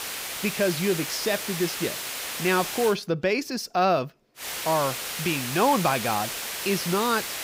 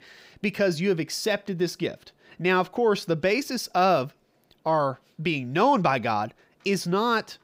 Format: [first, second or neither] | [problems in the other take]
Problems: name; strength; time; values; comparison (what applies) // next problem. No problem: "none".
second | hiss; loud; until 3 s and from 4.5 s on; 4 dB below the speech